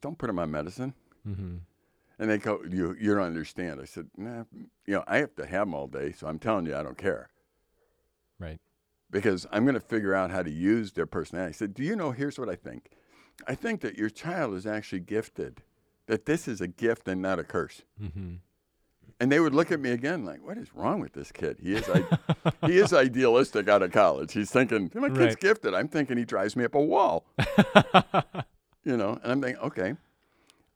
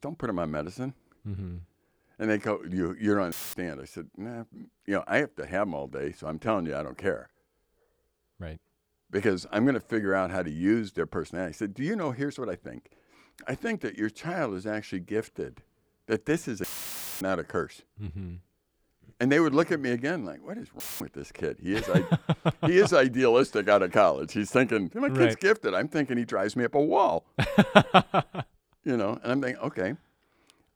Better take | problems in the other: first | audio cutting out; filled with static; at 3.5 s, at 17 s for 0.5 s and at 21 s

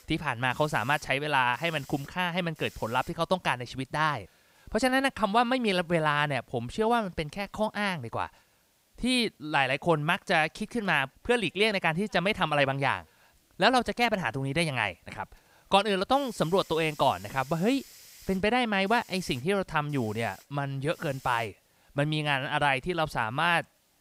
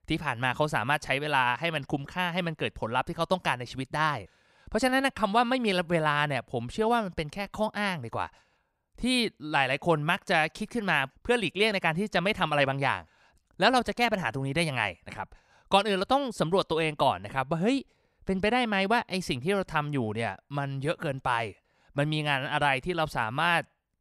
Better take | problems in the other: second | hiss; faint; throughout; 25 dB below the speech

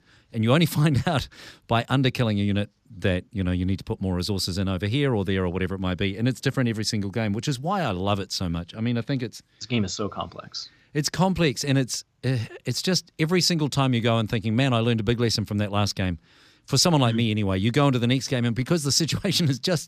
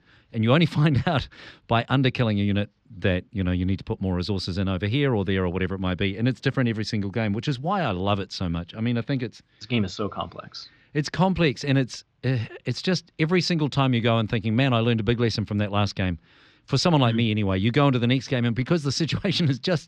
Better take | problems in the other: first | muffled; very slightly; fading above 3 kHz

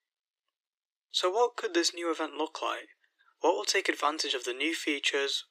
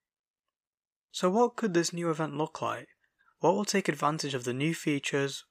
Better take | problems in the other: second | thin; very; fading below 300 Hz

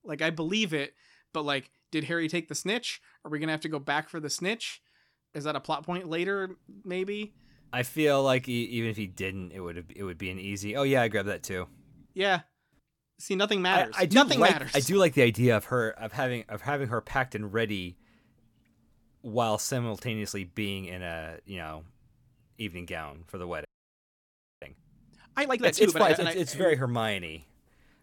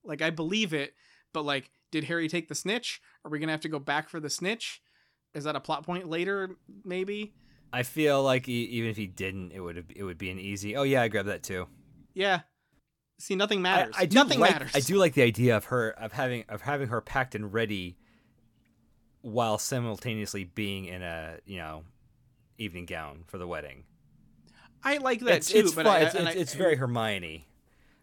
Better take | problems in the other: second | audio freezing; at 24 s for 1 s

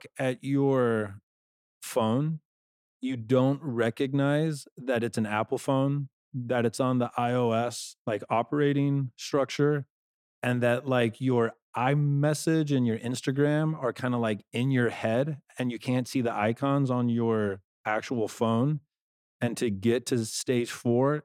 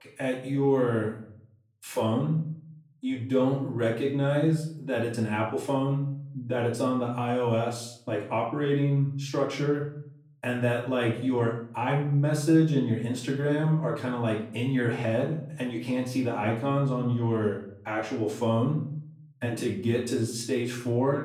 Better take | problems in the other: first | off-mic speech; far // room echo; slight; dies away in 0.5 s

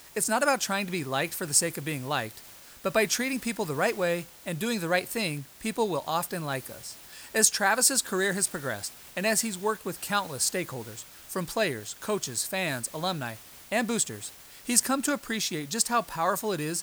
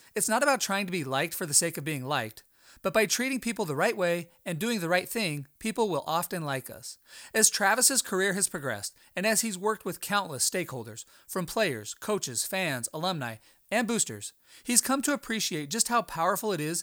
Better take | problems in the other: second | hiss; noticeable; throughout; 20 dB below the speech

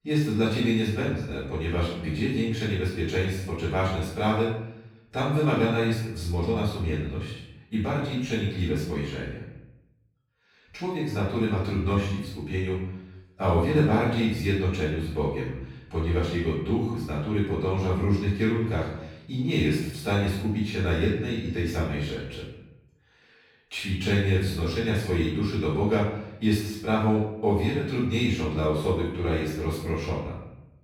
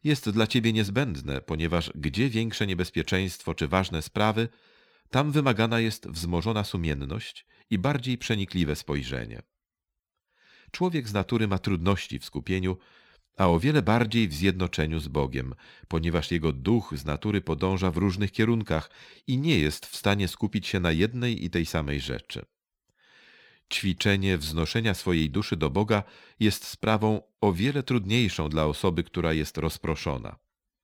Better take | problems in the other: second | off-mic speech; far // room echo; noticeable; dies away in 0.8 s

